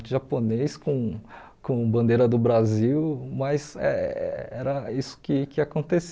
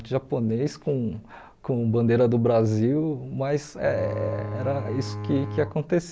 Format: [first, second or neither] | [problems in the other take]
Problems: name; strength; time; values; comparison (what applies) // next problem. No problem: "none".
first | background sound (Bowed string instrument); 7 dB below the speech